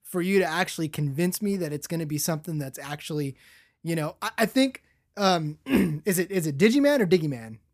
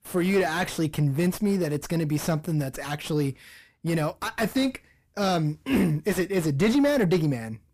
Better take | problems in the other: first | distortion; heavy; 7 dB below the speech

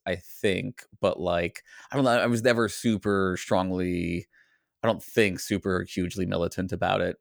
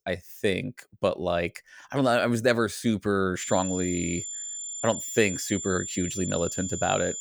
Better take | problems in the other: first | high-pitched whine; loud; from 3.5 s on; 7 kHz, 6 dB below the speech

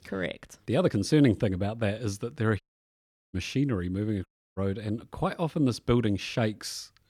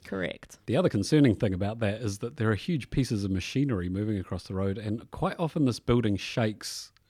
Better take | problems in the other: second | audio cutting out; at 2.5 s for 0.5 s and at 4.5 s

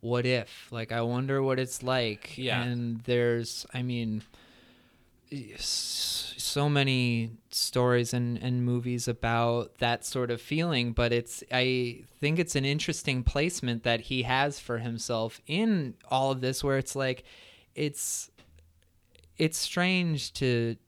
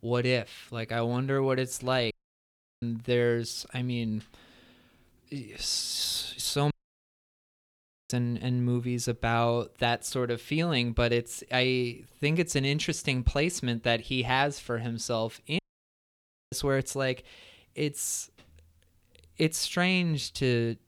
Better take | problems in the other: first | audio cutting out; at 2 s for 0.5 s, at 6.5 s for 1.5 s and at 16 s for 1 s

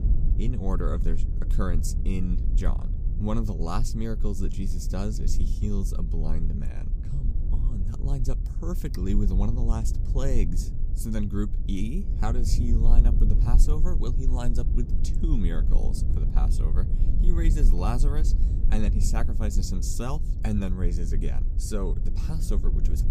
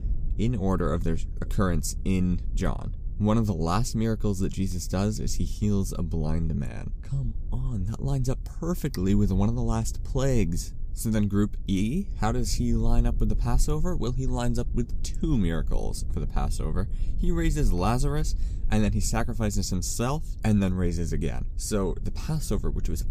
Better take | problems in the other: second | low rumble; loud; throughout; 8 dB below the speech; faint in the second

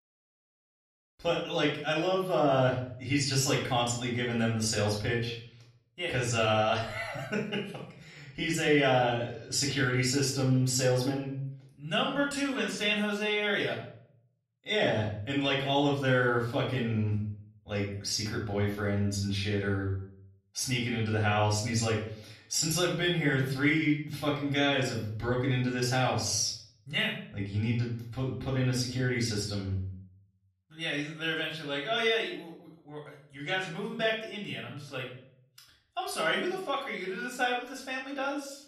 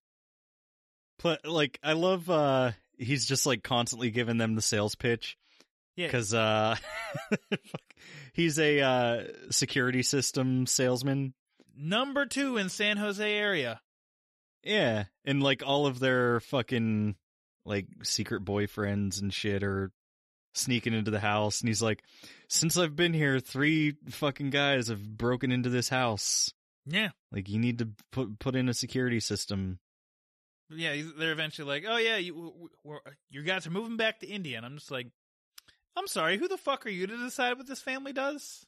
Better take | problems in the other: second | off-mic speech; far // room echo; noticeable; dies away in 0.5 s

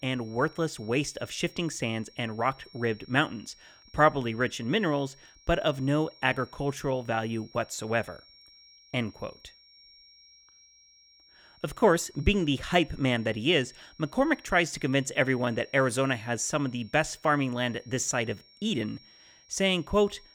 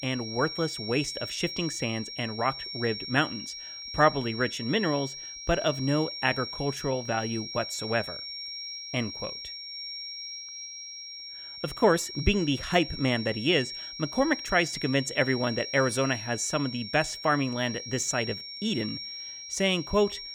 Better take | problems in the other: first | high-pitched whine; loud; throughout; 5.5 kHz, 8 dB below the speech; faint in the first

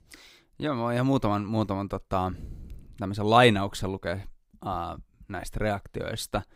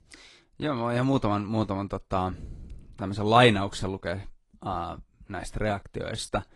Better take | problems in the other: first | garbled, watery; slightly; nothing above 10.5 kHz

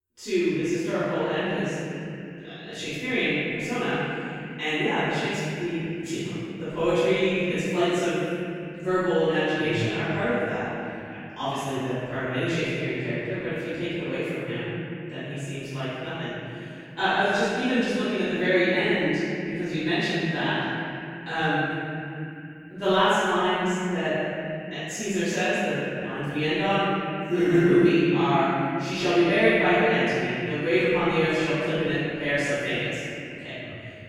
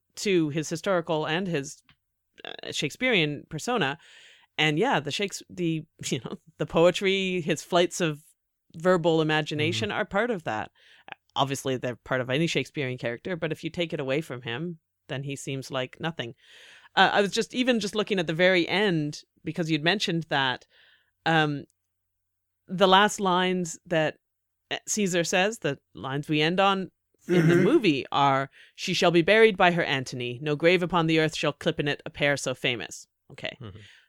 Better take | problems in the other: second | off-mic speech; far // room echo; strong; dies away in 3 s

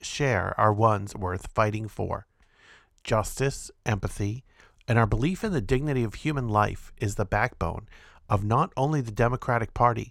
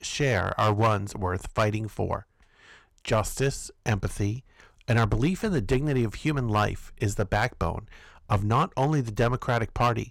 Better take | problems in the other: first | distortion; slight; 4% of the sound clipped

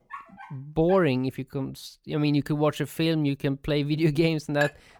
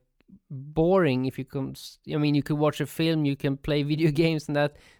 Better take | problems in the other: second | dog barking; faint; at the start; peak 15 dB below the speech // clattering dishes; noticeable; at 4.5 s; peak 7 dB below the speech

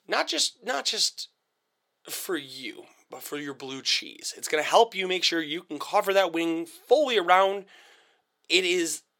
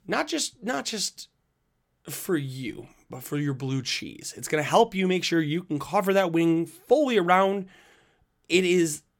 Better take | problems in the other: second | thin; somewhat; fading below 500 Hz

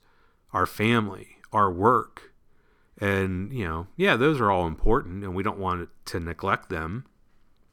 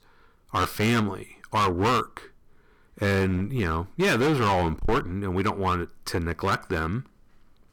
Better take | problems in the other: first | distortion; heavy; 11% of the sound clipped

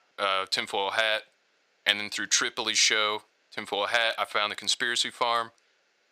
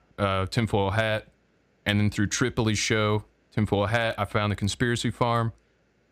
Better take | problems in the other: second | thin; very; fading below 650 Hz

